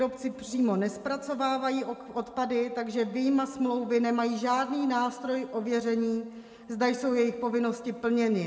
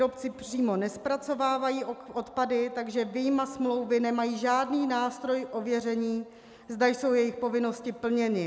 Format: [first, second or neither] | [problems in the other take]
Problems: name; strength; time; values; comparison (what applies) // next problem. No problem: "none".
second | room echo; dies away in 1.2 s